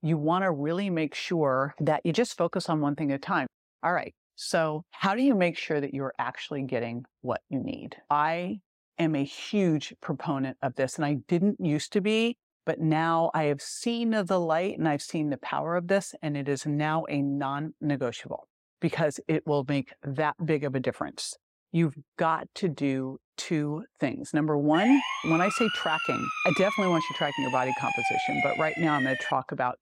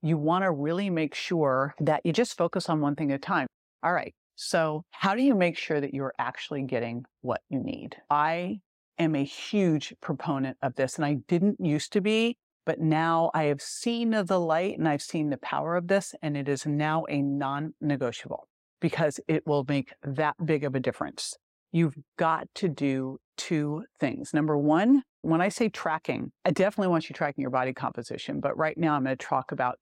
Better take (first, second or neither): second